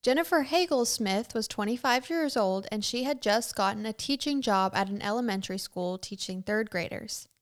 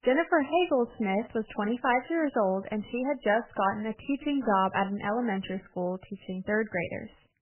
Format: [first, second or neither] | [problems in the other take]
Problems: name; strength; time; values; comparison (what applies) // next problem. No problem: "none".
first | garbled, watery; badly; nothing above 3 kHz